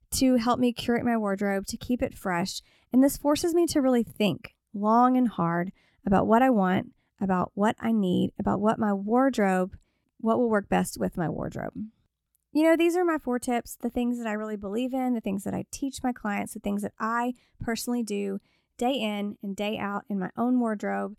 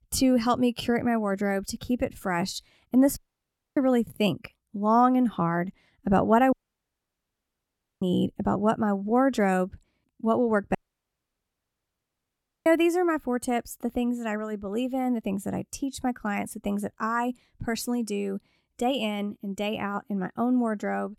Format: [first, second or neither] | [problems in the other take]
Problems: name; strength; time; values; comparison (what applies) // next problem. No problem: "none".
first | audio cutting out; at 3 s for 0.5 s, at 6.5 s for 1.5 s and at 11 s for 2 s